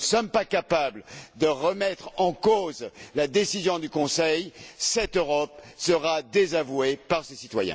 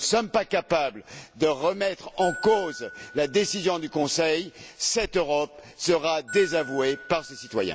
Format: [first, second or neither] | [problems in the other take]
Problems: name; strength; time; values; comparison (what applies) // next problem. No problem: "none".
first | background sound (Glockenspiel); 18 dB below the speech